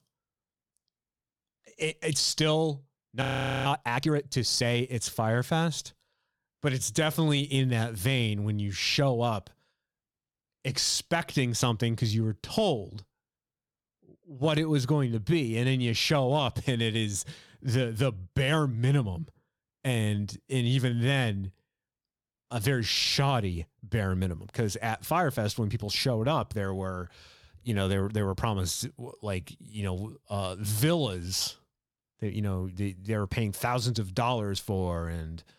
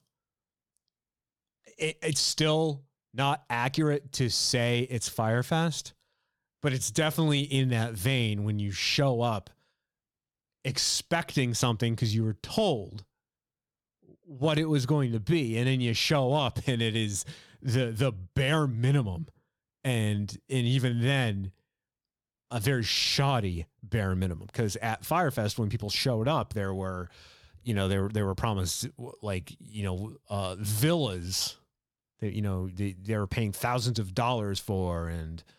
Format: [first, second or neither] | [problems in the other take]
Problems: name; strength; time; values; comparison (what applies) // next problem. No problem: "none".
second | audio freezing; at 3 s